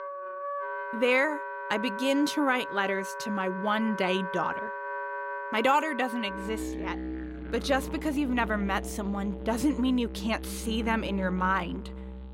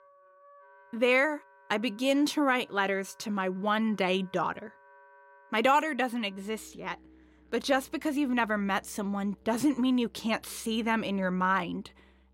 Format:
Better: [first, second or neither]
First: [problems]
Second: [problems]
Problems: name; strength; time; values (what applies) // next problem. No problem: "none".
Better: second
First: background music; loud; throughout; 8 dB below the speech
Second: background music; faint; throughout; 30 dB below the speech